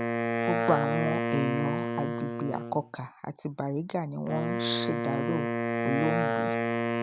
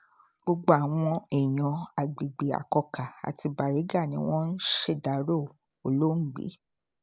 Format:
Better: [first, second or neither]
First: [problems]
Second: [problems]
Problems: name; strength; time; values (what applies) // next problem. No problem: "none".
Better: second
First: background sound (Wind instrument, woodwind instrument); 2 dB above the speech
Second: none